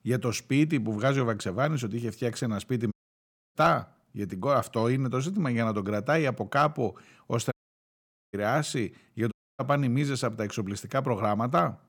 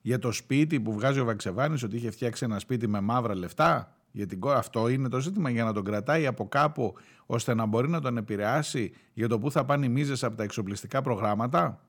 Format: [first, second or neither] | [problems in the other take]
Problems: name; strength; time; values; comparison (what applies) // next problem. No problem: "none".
second | audio cutting out; at 3 s for 0.5 s, at 7.5 s for 1 s and at 9.5 s